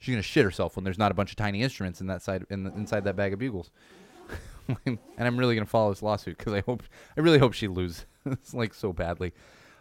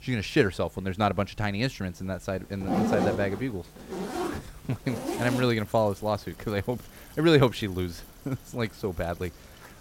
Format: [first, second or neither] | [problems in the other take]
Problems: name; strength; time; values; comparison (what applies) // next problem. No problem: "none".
first | household noises; loud; throughout; 4 dB below the speech; faint in the first